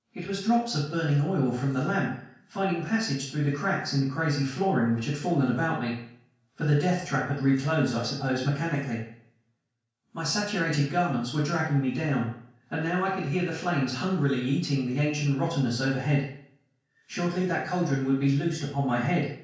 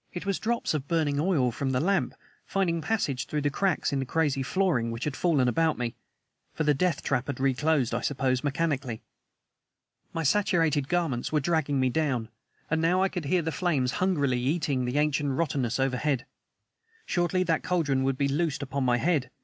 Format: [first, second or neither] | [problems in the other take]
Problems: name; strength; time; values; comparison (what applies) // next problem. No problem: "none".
second | room echo; dies away in 0.5 s